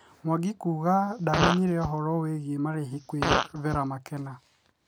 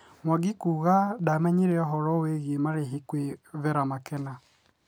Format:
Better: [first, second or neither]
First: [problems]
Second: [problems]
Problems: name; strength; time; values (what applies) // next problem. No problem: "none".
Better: second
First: background sound (Fart); 3 dB below the speech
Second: none